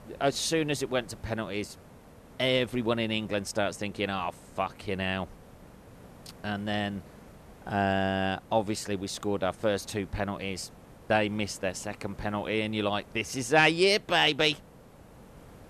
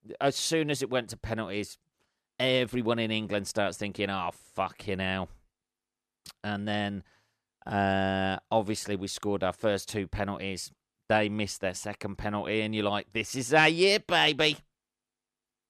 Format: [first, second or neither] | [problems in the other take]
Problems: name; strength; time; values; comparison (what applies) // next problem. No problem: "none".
second | hiss; faint; throughout; 25 dB below the speech